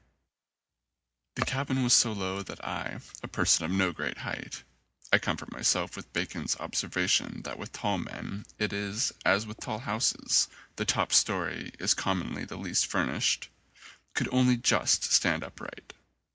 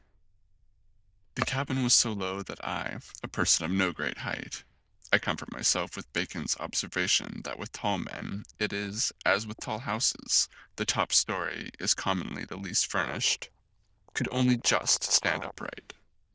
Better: first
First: none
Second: noise reduction (neural diffusion model UNIVERSE++)

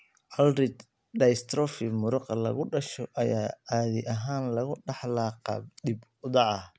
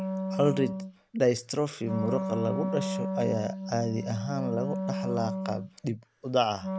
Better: first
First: none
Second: background sound (Wind instrument, woodwind instrument); 4 dB below the speech

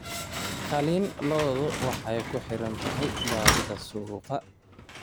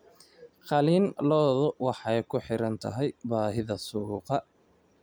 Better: second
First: background sound (Slam); 1 dB below the speech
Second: none

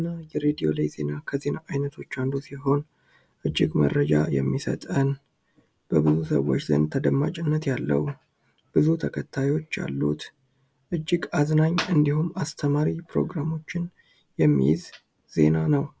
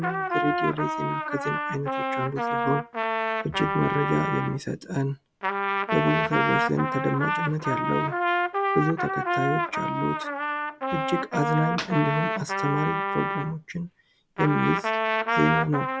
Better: first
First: none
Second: background sound (Trumpet); 1 dB above the speech

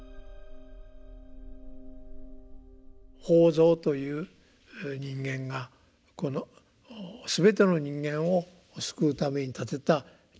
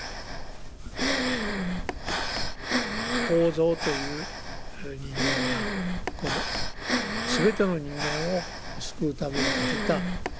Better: first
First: none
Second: background sound (Breathing); 2 dB above the speech

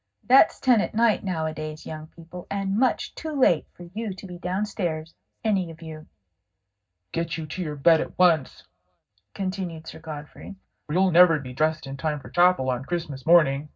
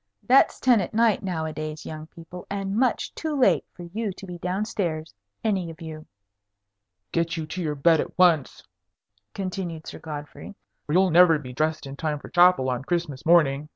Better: second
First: room echo; dies away in 0.4 s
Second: none

